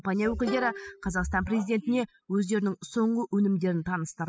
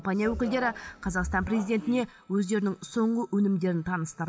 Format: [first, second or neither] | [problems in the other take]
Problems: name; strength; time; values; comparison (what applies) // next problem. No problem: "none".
second | noise reduction (classical method spectral subtraction)